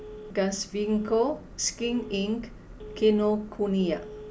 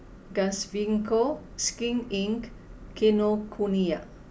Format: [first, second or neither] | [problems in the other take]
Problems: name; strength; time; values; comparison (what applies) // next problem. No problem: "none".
second | background sound (Telephone); 17 dB below the speech